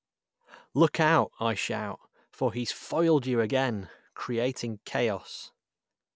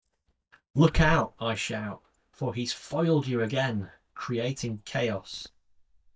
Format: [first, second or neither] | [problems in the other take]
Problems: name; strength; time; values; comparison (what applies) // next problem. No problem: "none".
first | noise reduction (neural mask model DeepFilterNet 3)